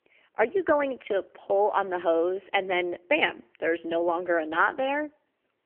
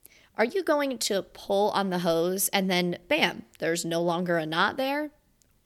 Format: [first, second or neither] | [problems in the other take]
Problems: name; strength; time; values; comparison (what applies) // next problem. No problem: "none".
second | phone-call audio; poor line; nothing above 3 kHz